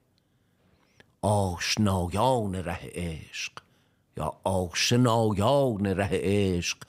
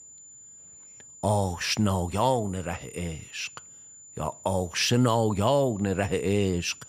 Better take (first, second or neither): first